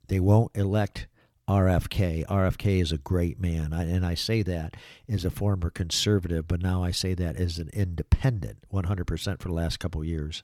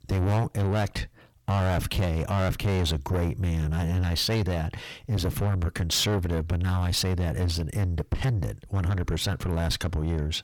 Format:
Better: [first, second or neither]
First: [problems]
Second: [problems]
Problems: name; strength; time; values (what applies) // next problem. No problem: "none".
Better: first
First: none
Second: distortion; heavy; 6 dB below the speech